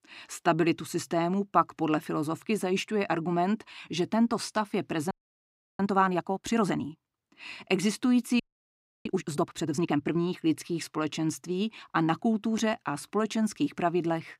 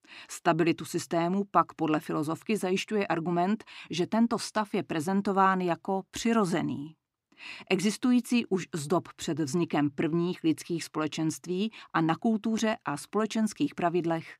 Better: second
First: audio freezing; at 5 s for 0.5 s and at 8.5 s for 0.5 s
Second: none

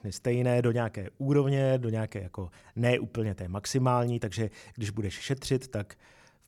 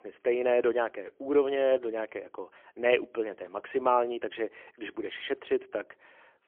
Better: first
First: none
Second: phone-call audio; poor line; nothing above 3.5 kHz

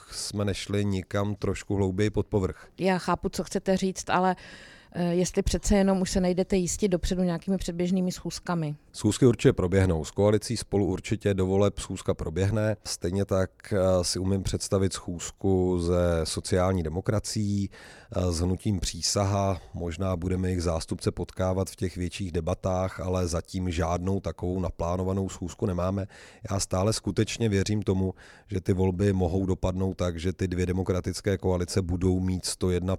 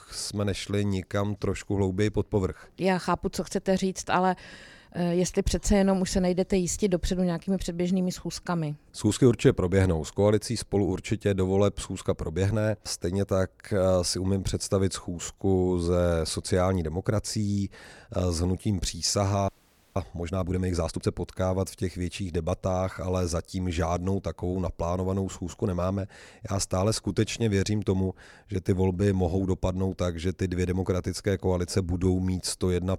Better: first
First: none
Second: audio freezing; at 19 s

